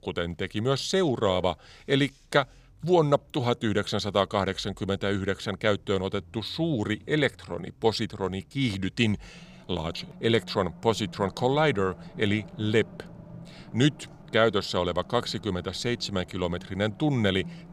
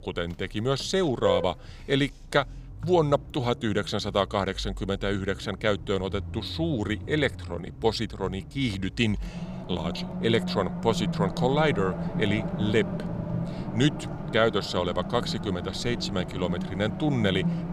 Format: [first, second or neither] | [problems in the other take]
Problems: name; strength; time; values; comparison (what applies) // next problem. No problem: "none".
first | traffic noise; loud; throughout; 7 dB below the speech; faint in the first